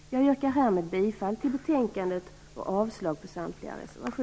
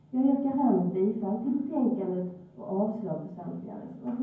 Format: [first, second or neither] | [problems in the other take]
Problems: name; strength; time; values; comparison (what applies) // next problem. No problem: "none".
first | room echo; dies away in 0.9 s